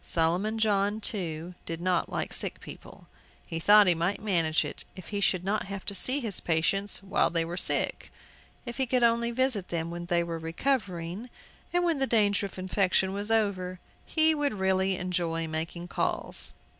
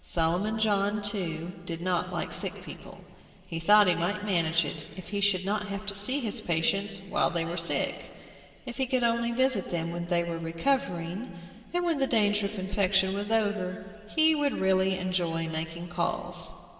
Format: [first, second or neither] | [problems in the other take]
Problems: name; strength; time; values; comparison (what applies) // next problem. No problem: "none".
first | room echo; dies away in 2.8 s